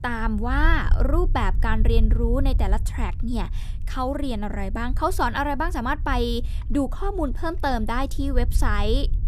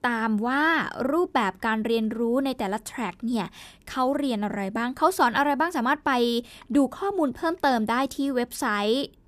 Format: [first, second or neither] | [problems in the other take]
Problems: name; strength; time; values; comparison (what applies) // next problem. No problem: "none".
second | low rumble; faint; throughout; 20 dB below the speech